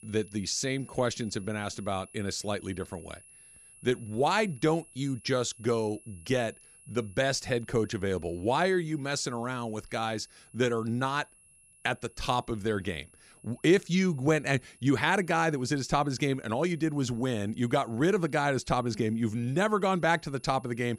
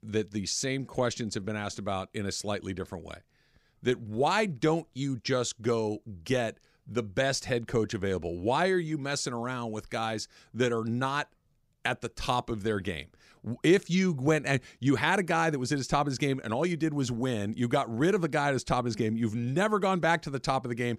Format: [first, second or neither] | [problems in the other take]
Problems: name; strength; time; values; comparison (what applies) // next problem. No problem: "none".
second | high-pitched whine; faint; throughout; 10.5 kHz, 25 dB below the speech